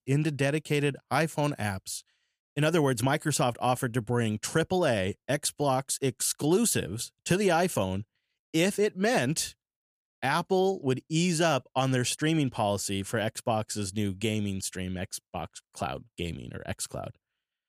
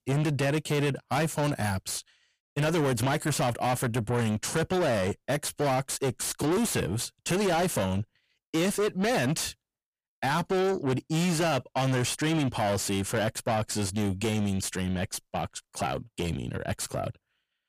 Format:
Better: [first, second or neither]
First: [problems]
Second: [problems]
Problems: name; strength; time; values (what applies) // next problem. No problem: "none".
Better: first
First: none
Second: distortion; heavy; 7 dB below the speech